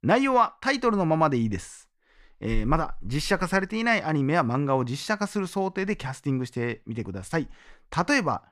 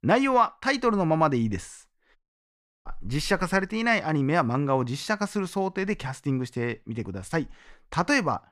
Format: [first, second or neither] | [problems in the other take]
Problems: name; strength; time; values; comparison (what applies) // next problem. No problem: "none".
first | audio cutting out; at 2 s for 0.5 s